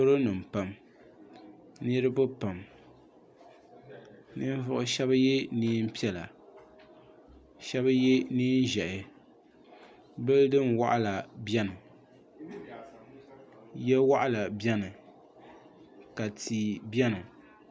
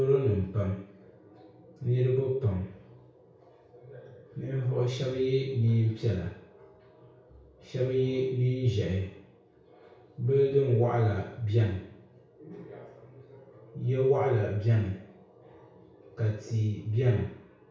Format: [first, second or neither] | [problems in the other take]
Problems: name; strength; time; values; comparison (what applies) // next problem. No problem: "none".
first | room echo; dies away in 0.6 s